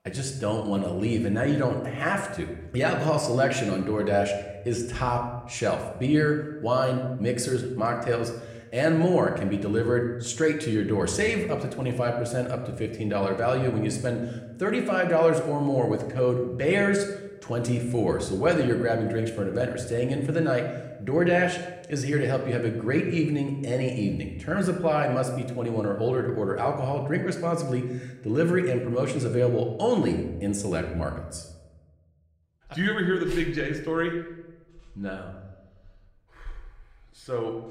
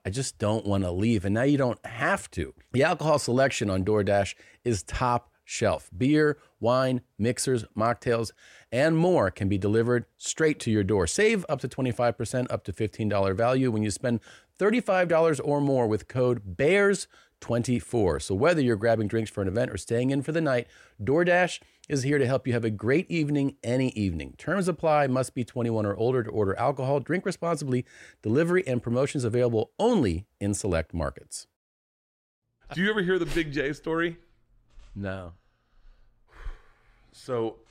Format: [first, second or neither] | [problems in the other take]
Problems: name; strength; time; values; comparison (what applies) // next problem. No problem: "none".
second | room echo; slight; dies away in 0.8 s